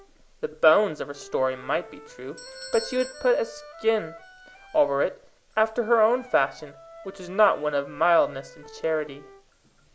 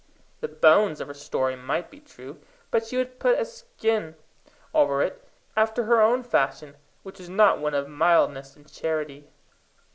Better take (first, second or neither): second